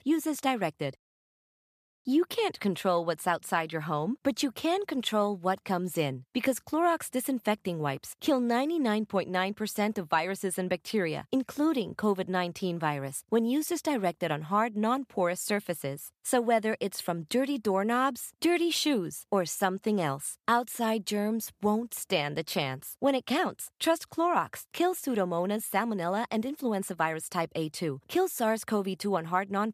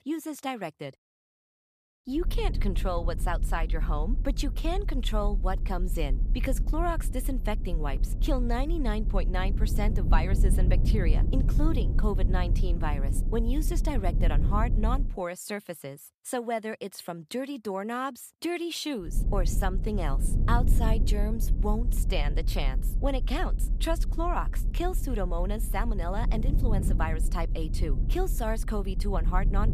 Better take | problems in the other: first | low rumble; noticeable; from 2 to 15 s and from 19 s on; 10 dB below the speech

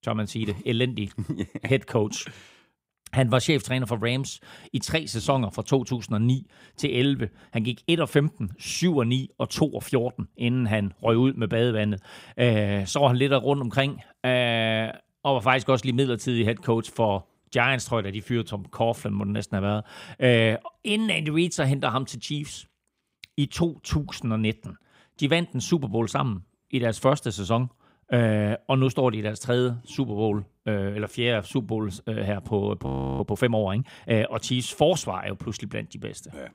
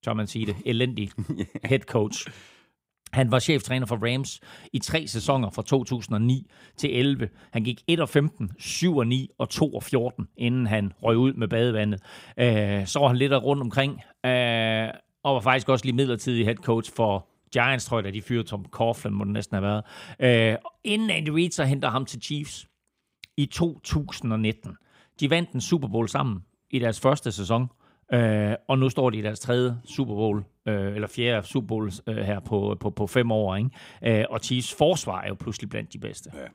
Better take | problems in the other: second | audio freezing; at 33 s

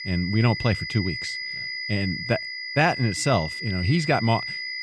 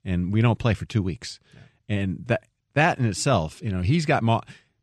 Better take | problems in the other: second | high-pitched whine; loud; throughout; 2 kHz, 6 dB below the speech

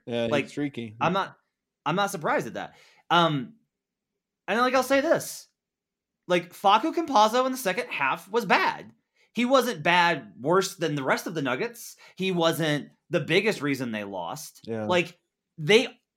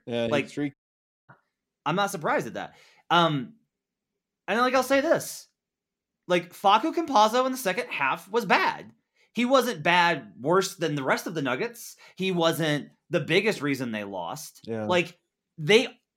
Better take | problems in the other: first | audio cutting out; at 0.5 s for 0.5 s

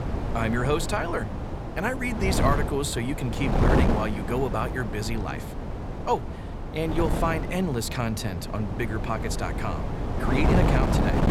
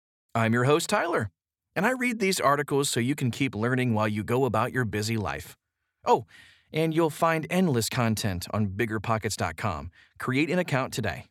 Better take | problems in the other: second | wind noise on the microphone; heavy; 3 dB below the speech

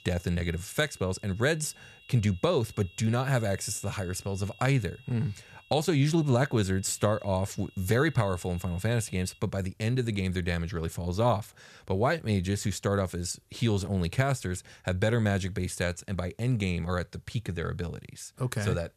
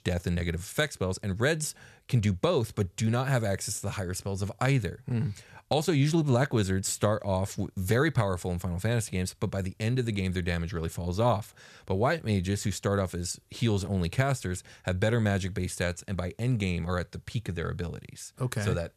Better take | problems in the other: second | high-pitched whine; faint; until 9.5 s; 2.5 kHz, 25 dB below the speech

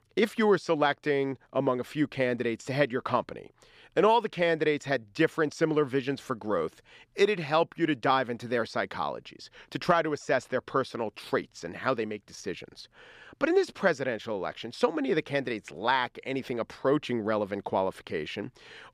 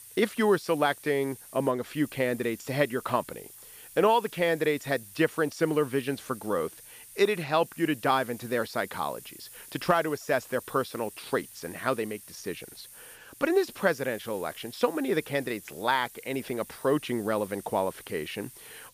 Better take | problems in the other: first | hiss; noticeable; throughout; 15 dB below the speech

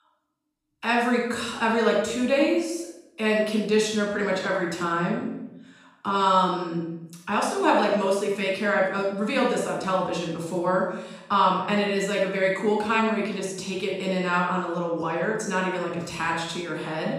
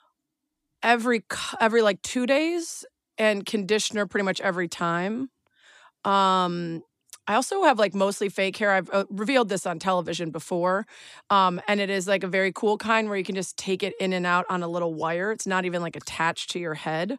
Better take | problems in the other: second | off-mic speech; far // room echo; noticeable; dies away in 0.8 s

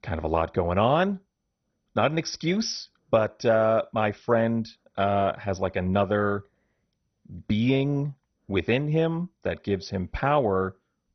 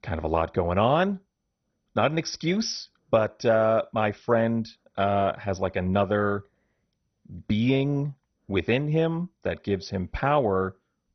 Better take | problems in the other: neither | garbled, watery; badly; nothing above 6 kHz; the same in both

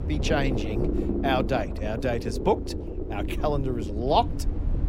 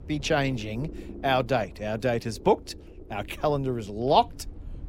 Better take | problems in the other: second | low rumble; loud; throughout; 8 dB below the speech; faint in the second

